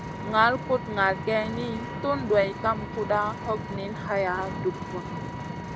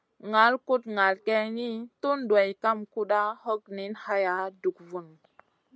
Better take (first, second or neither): second